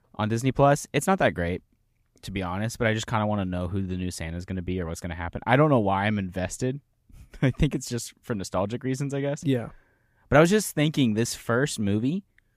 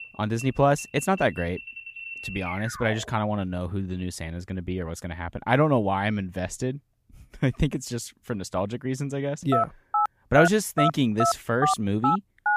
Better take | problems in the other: first | alarm; noticeable; until 3 s; peak 8 dB below the speech // phone ringing; loud; from 9.5 s on; peak level with the speech

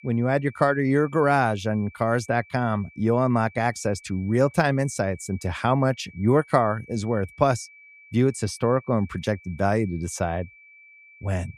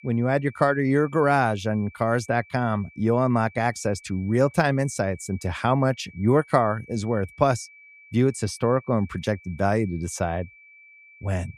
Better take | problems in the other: neither | high-pitched whine; faint; throughout; 2.5 kHz, 25 dB below the speech; the same in both

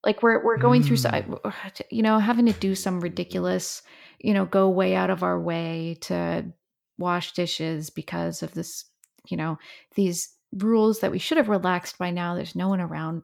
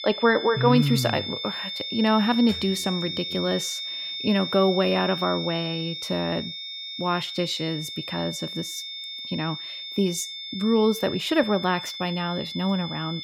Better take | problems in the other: first | high-pitched whine; loud; throughout; 3.5 kHz, 6 dB below the speech

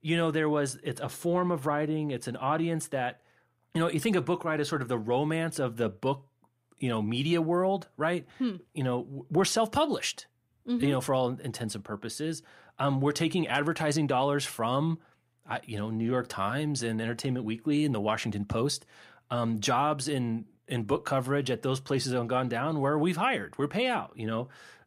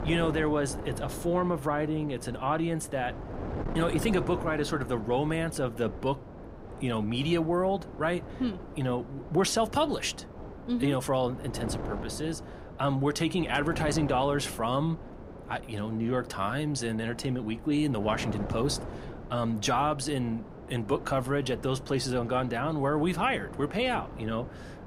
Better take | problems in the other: first | wind noise on the microphone; occasional gusts; 15 dB below the speech

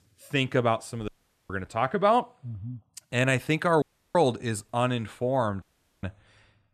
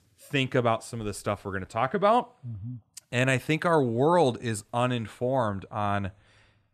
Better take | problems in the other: second | audio cutting out; at 1 s, at 4 s and at 5.5 s

